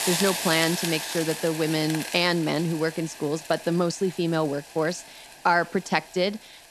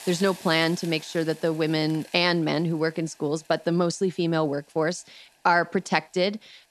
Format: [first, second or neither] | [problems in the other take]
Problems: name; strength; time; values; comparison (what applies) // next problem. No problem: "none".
second | hiss; loud; throughout; 6 dB below the speech; faint in the second